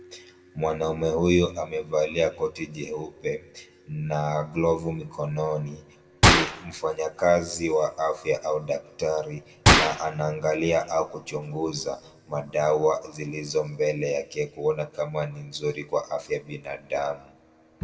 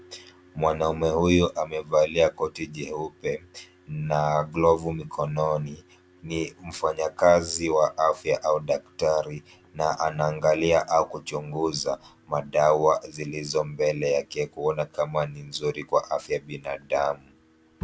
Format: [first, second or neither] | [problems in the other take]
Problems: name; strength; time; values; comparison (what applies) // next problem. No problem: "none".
second | background sound (Gunshot, gunfire); 2 dB above the speech // room echo; dies away in 1.1 s